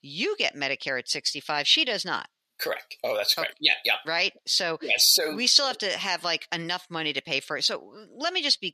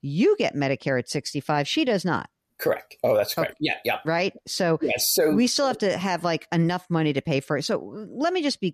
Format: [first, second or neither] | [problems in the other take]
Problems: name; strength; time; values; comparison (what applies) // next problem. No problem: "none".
second | thin; somewhat; fading below 850 Hz